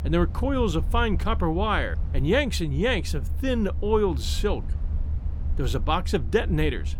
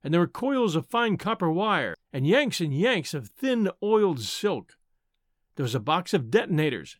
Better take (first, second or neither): second